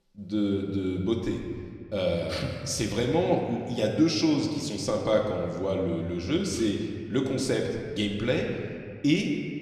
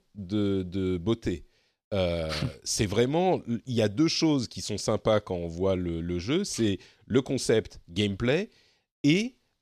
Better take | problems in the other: second | room echo; slight; dies away in 1.9 s // off-mic speech; somewhat distant

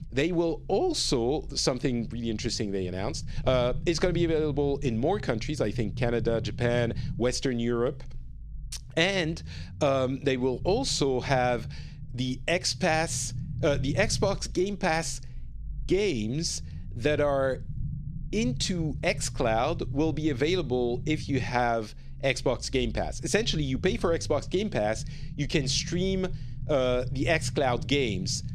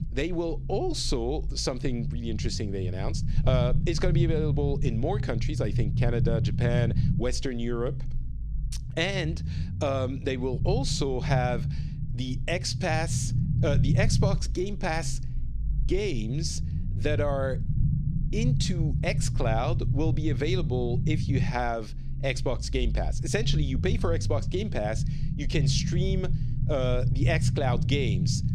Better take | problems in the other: first | low rumble; loud; throughout; 10 dB below the speech; faint in the first

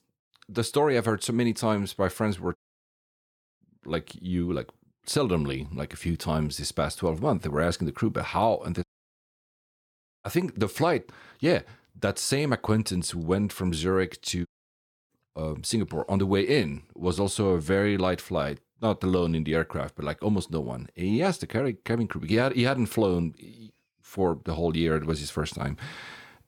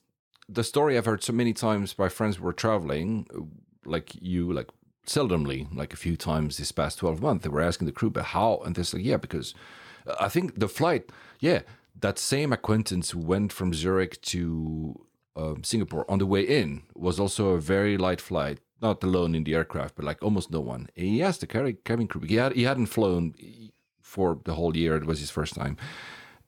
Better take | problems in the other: second | audio cutting out; at 2.5 s for 1 s, at 9 s for 1.5 s and at 14 s for 0.5 s

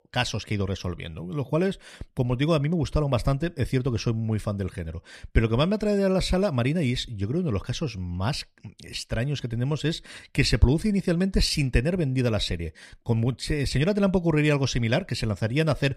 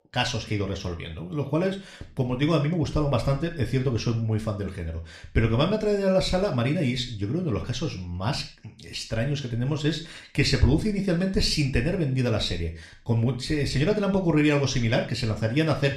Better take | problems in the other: first | room echo; slight; dies away in 0.4 s

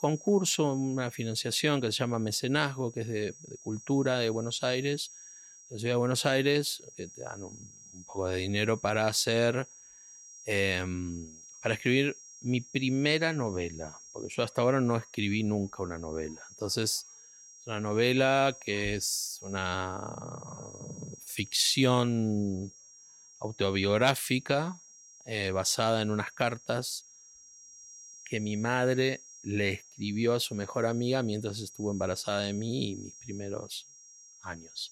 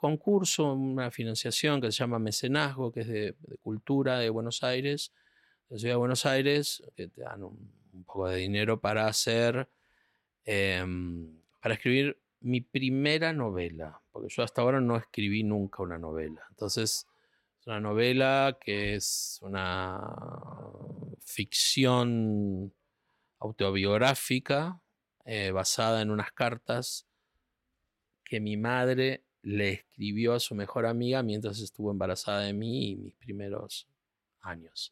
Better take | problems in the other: second | high-pitched whine; noticeable; throughout; 6 kHz, 20 dB below the speech

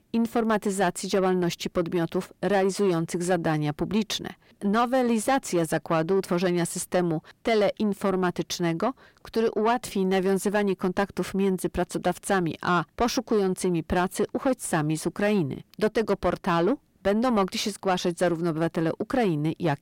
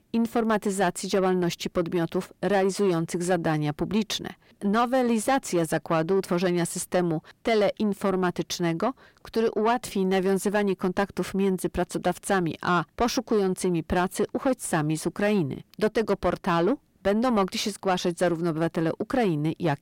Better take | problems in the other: neither | distortion; slight; 10 dB below the speech; the same in both

